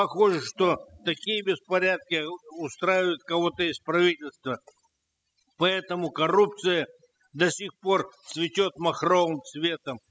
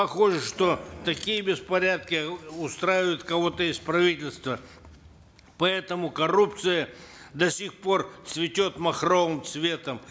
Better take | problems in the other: second | noise reduction (classical method spectral subtraction)

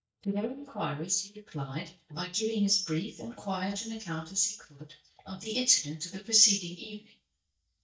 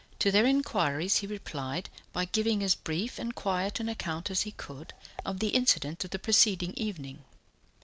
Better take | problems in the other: second | noise reduction (neural mask model DeepFilterNet 3)

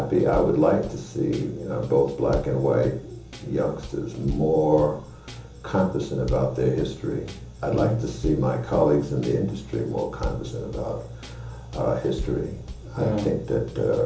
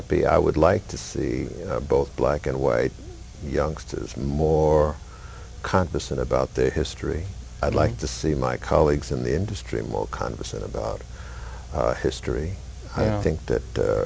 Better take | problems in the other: second | background sound (Drum kit); 14 dB below the speech // room echo; dies away in 1.2 s

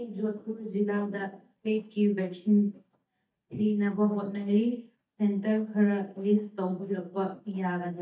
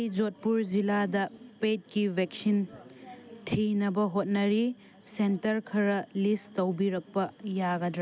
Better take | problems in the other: second | noise reduction (neural mask model DeepFilterNet 3)

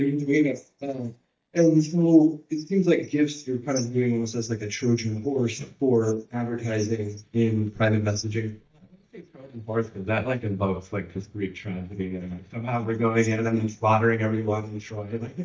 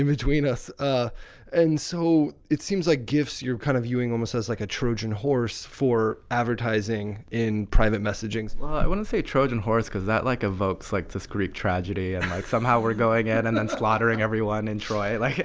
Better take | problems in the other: second | noise reduction (neural mask model DeepFilterNet 3)

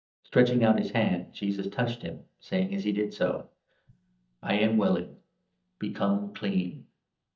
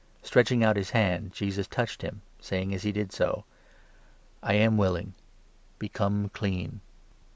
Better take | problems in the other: second | noise reduction (neural mask model DeepFilterNet 3)

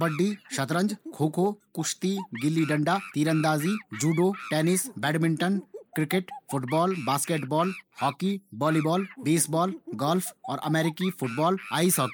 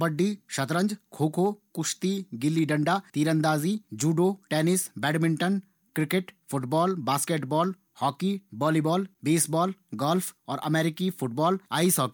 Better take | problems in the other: second | noise reduction (neural mask model Resemble Enhance denoiser)

